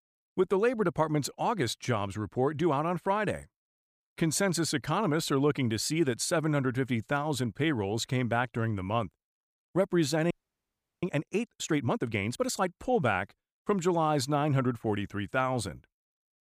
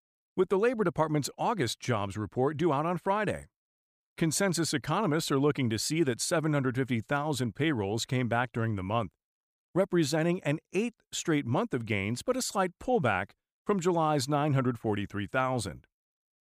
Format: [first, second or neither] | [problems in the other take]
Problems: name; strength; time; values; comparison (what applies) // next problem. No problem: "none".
second | audio freezing; at 10 s for 0.5 s